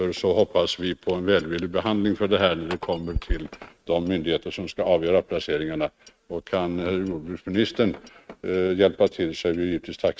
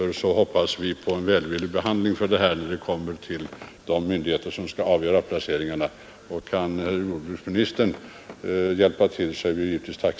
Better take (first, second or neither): second